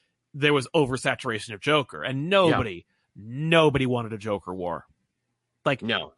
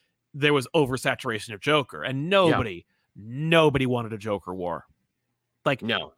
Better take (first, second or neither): second